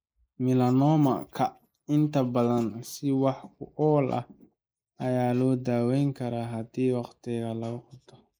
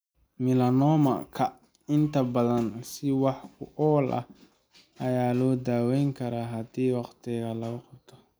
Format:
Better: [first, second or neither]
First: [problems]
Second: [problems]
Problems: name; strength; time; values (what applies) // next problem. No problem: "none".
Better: second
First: noise reduction (neural mask model Resemble Enhance denoiser)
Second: none